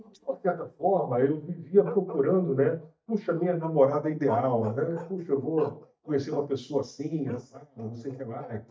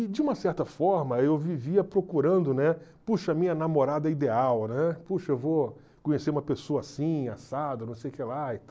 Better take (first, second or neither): second